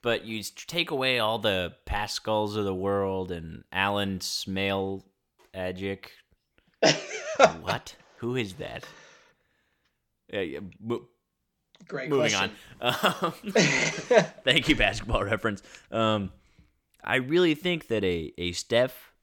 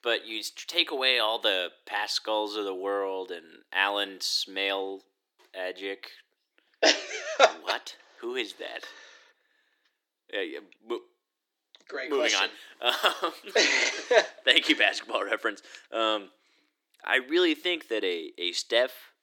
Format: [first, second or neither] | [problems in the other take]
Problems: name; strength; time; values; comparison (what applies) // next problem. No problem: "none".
first | thin; somewhat; fading below 300 Hz